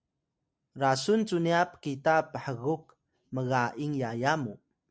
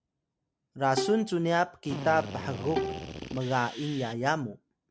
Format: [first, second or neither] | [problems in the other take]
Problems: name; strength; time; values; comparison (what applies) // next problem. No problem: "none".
first | background sound (Bowed string instrument + Drill); 7 dB below the speech